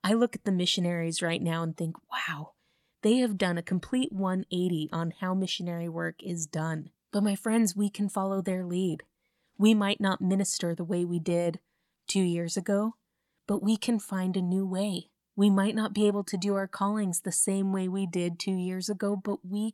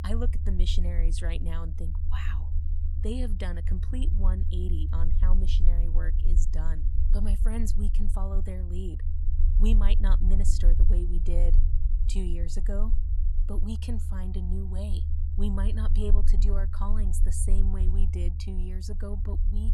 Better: first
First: none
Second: low rumble; loud; throughout; 7 dB below the speech

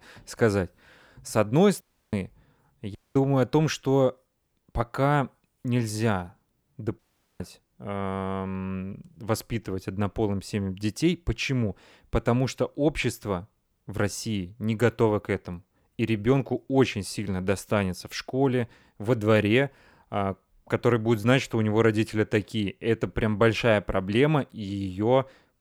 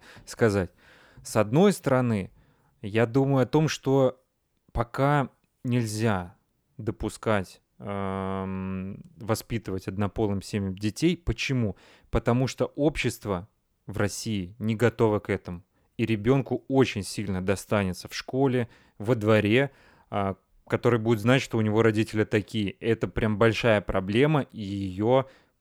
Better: second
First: audio cutting out; at 2 s, at 3 s and at 7 s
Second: none

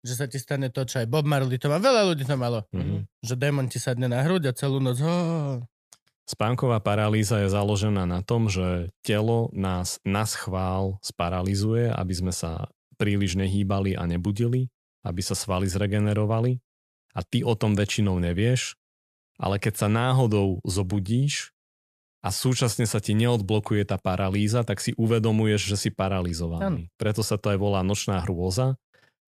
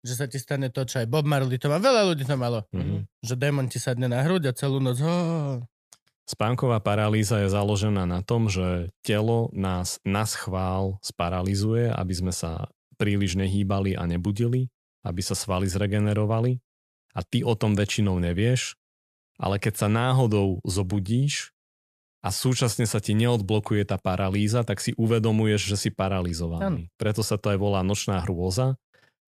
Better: neither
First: none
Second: none

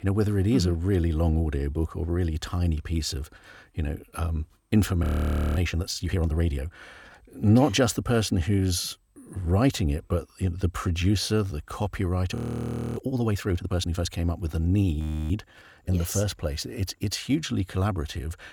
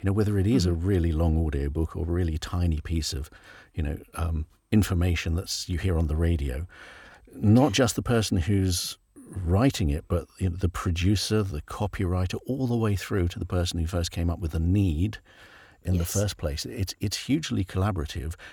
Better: second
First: audio freezing; at 5 s for 0.5 s, at 12 s for 0.5 s and at 15 s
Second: none

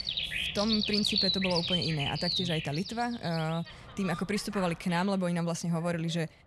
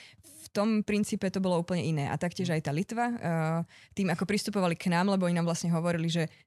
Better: second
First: animal sounds; very loud; throughout; 1 dB above the speech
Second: none

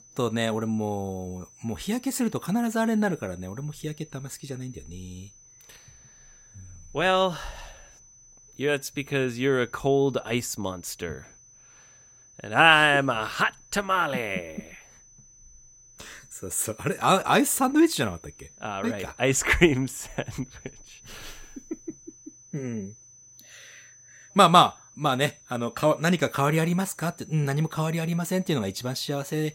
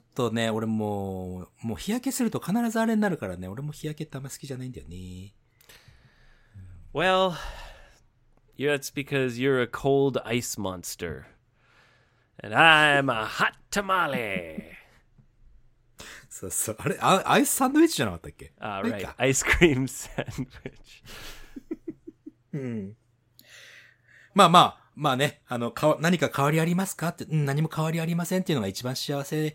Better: second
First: high-pitched whine; faint; throughout; 6 kHz, 25 dB below the speech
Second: none

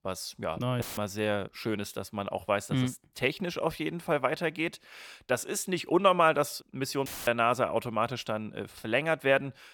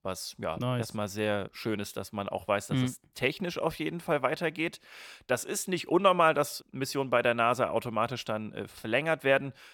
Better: second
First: audio cutting out; filled with static; at 1 s and at 7 s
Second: none

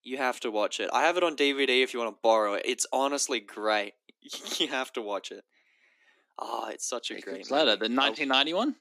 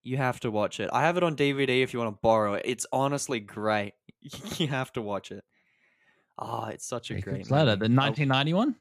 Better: second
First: thin; somewhat; fading below 250 Hz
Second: none

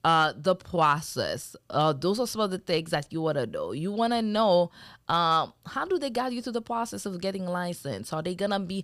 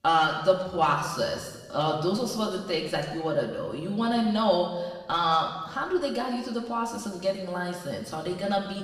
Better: first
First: none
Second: room echo; noticeable; dies away in 1.1 s // off-mic speech; far

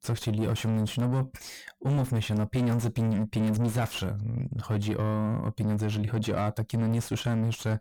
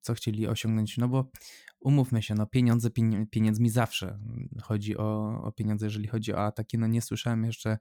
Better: second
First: distortion; heavy; 8 dB below the speech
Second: none

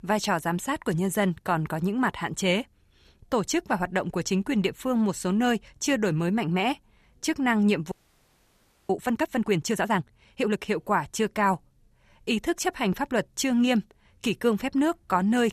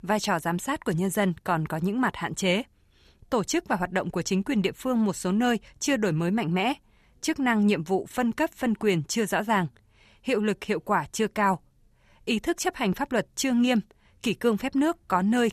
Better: second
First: audio freezing; at 8 s for 1 s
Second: none

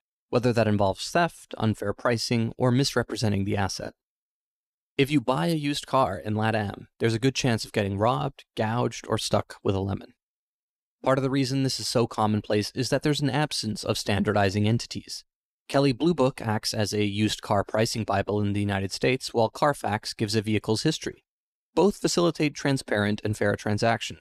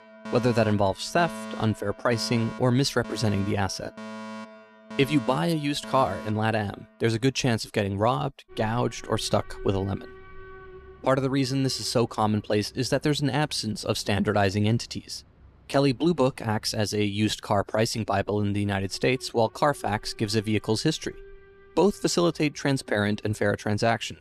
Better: first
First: none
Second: alarms or sirens; noticeable; throughout; 15 dB below the speech

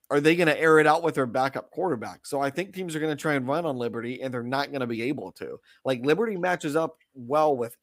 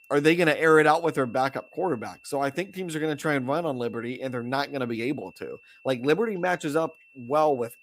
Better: first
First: none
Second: high-pitched whine; faint; throughout; 2.5 kHz, 30 dB below the speech

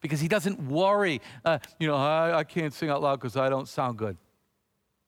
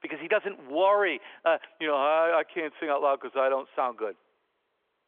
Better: first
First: none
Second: phone-call audio; nothing above 3.5 kHz

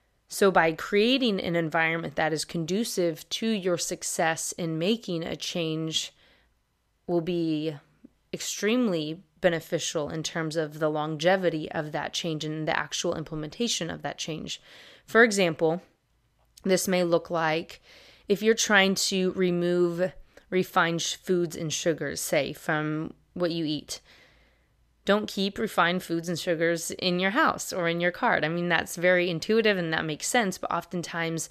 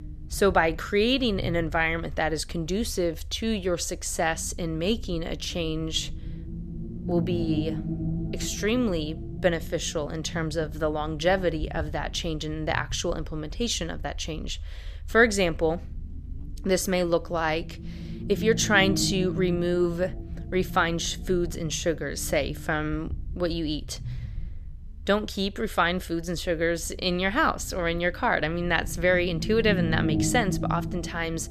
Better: first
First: none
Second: low rumble; noticeable; throughout; 15 dB below the speech

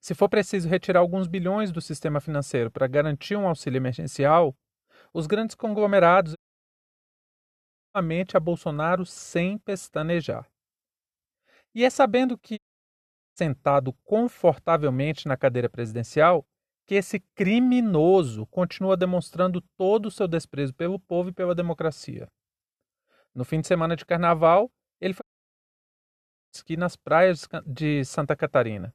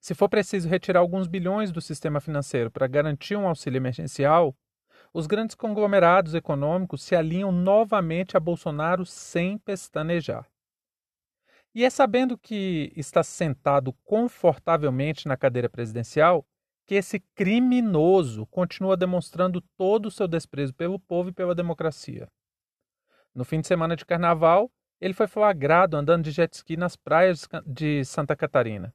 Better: second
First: audio cutting out; at 6.5 s for 1.5 s, at 13 s for 1 s and at 25 s for 1.5 s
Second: none

